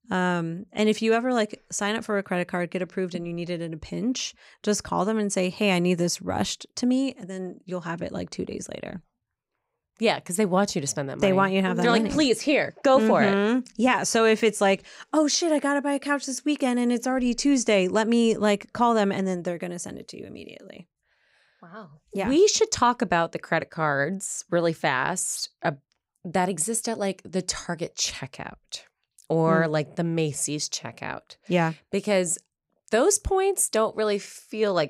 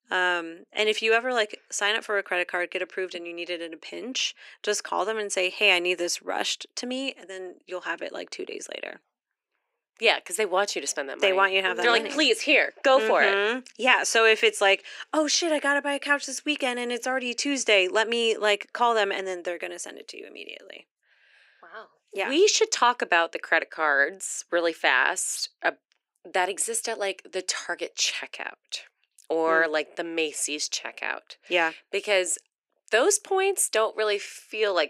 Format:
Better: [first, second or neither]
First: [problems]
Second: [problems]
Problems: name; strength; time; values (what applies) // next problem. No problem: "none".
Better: first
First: none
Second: thin; somewhat; fading below 300 Hz